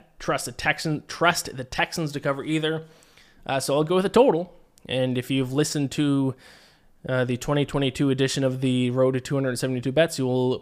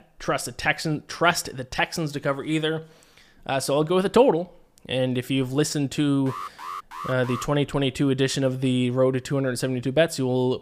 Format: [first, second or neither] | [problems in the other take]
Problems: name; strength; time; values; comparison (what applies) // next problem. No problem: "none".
first | alarm; faint; from 6.5 to 7.5 s; peak 10 dB below the speech